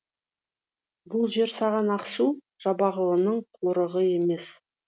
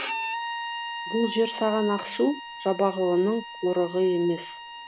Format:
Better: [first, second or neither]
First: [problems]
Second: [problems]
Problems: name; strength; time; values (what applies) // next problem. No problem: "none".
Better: first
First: none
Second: background sound (Bowed string instrument); 9 dB below the speech